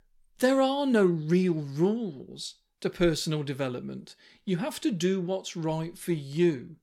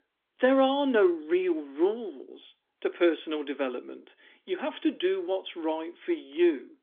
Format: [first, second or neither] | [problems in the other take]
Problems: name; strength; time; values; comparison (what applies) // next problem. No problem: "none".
first | phone-call audio; nothing above 3.5 kHz